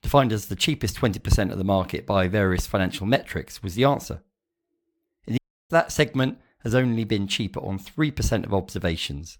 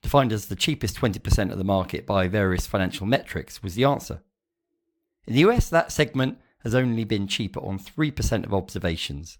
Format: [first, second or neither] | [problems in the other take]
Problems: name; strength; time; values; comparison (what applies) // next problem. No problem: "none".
second | audio cutting out; at 5.5 s